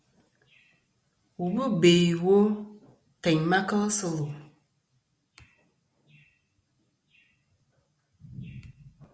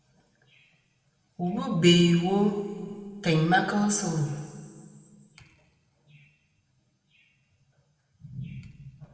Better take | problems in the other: first | room echo; dies away in 2.1 s

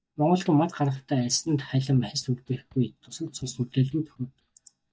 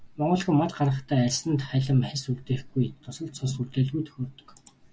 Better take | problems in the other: second | noise reduction (neural mask model DeepFilterNet 3)

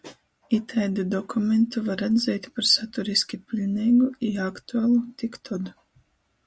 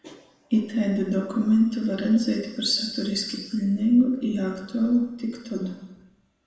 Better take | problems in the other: first | room echo; dies away in 1 s

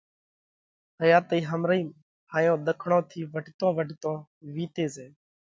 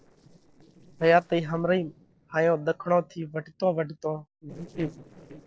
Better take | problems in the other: first | noise reduction (neural separator model SepFormer DNS4)

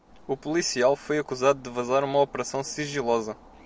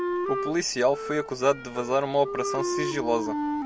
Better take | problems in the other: first | background sound (Wind instrument, woodwind instrument); 4 dB below the speech

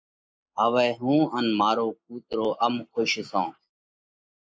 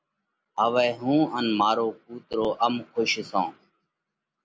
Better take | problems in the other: second | noise reduction (neural mask model Resemble Enhance denoiser)

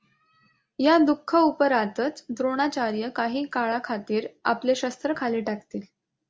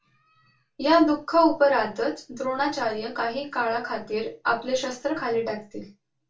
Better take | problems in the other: first | room echo; dies away in 0.2 s

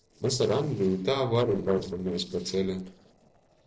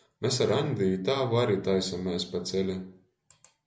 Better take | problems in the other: second | noise reduction (neural separator model SepFormer DNS4)

